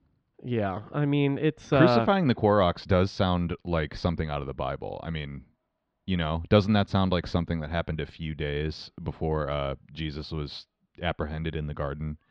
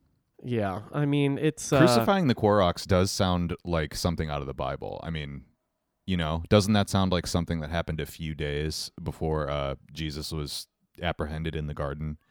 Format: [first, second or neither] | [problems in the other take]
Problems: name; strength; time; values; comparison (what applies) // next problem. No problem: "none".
second | muffled; slightly; fading above 4 kHz